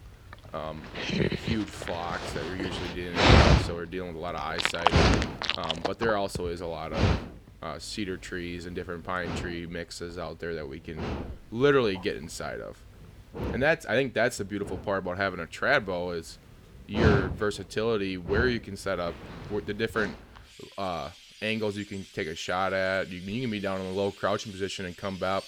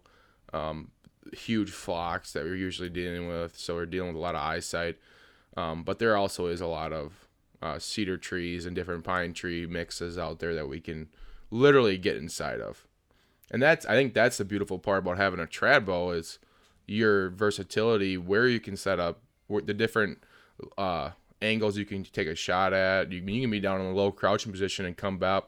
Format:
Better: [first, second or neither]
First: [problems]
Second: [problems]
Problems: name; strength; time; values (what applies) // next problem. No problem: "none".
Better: second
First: animal sounds; very loud; throughout; 3 dB above the speech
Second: none